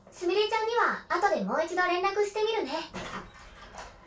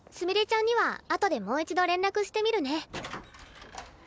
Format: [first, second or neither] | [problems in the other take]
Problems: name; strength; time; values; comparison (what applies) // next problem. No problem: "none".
second | room echo; dies away in 0.2 s